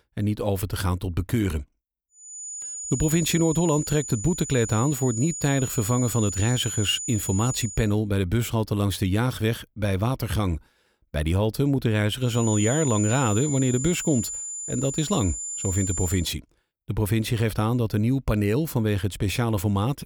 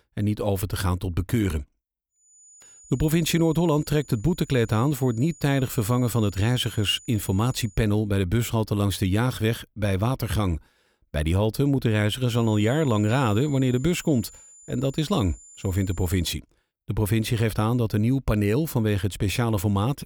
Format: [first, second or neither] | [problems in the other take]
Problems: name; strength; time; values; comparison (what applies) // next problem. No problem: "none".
second | high-pitched whine; loud; from 2.5 to 8 s and from 12 to 16 s; 7 kHz, 6 dB below the speech; faint in the second